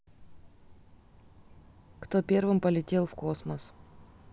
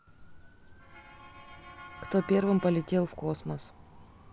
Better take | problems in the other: first | background sound (Motor vehicle (road) / Siren); 18 dB below the speech

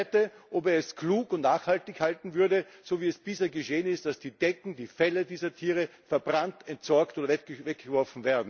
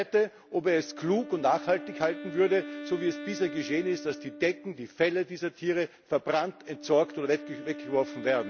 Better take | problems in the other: first | background sound (Wind instrument, woodwind instrument); 13 dB below the speech

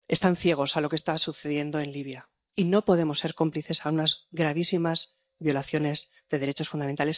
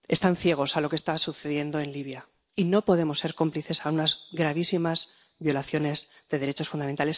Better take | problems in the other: second | noise reduction (neural mask model DeepFilterNet 3)

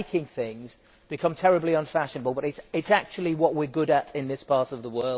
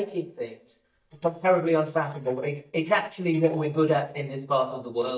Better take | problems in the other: first | noise reduction (neural mask model DeepFilterNet 3)

